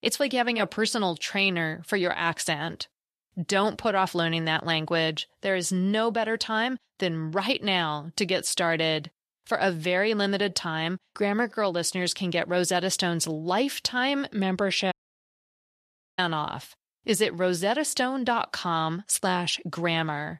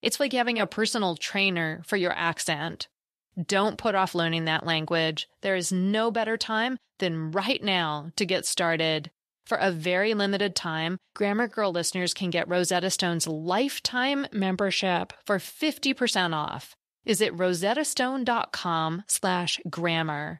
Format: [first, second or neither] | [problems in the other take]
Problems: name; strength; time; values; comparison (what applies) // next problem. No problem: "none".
second | audio cutting out; at 15 s for 1.5 s